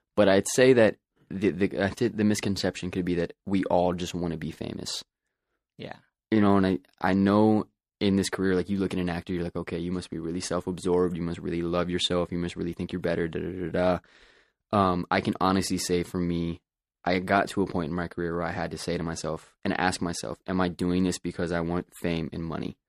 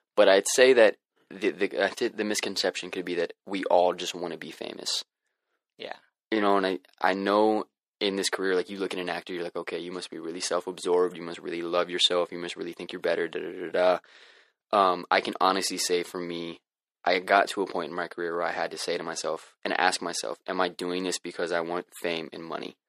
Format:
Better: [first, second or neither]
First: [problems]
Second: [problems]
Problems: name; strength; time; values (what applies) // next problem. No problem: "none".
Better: first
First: none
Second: thin; somewhat; fading below 500 Hz